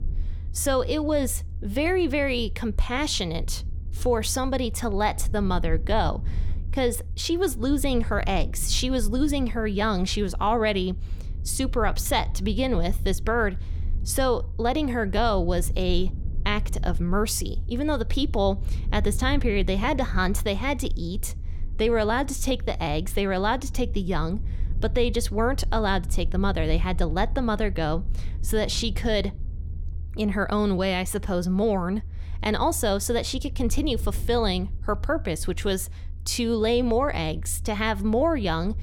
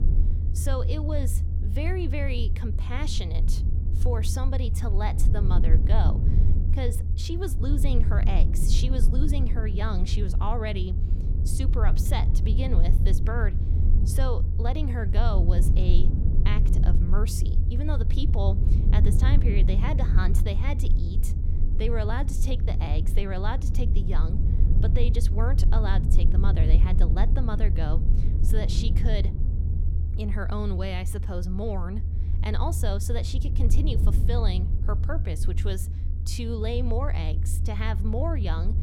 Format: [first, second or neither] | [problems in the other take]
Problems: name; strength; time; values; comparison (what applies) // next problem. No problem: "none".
first | low rumble; loud; throughout; 6 dB below the speech; faint in the first